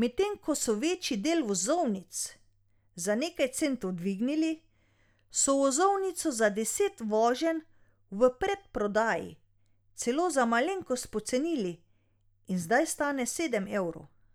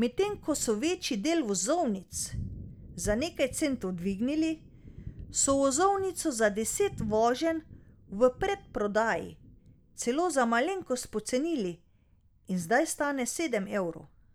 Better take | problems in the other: first | background sound (Thunder); 17 dB below the speech

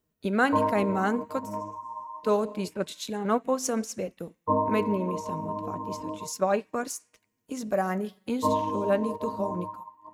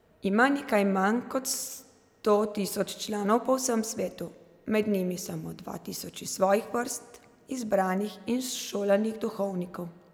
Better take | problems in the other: second | noise reduction (neural mask model RNNoise)

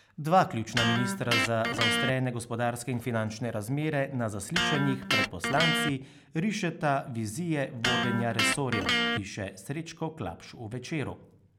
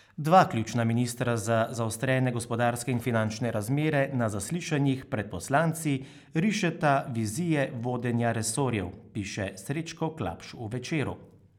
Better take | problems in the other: second | background sound (Electric guitar); 1 dB below the speech

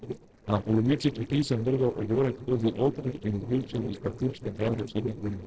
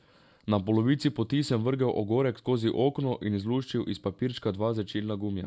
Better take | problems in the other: second | noise reduction (neural separator model SepFormer DNS4)

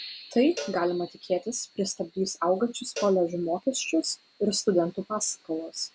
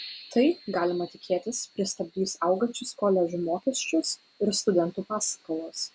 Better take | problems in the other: second | background sound (Cowbell); 17 dB below the speech

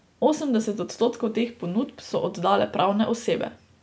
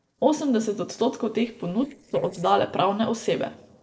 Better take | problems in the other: first | noise reduction (neural separator model SepFormer DNS4)

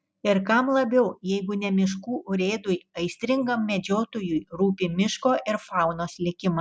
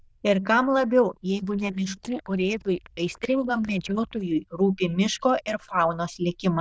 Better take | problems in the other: first | noise reduction (neural diffusion model UNIVERSE++)

